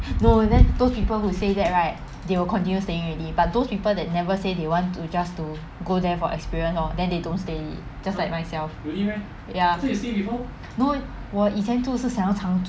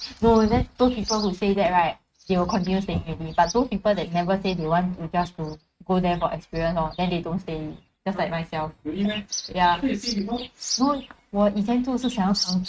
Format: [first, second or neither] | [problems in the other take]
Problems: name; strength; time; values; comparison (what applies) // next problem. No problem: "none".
first | noise reduction (neural mask model RNNoise)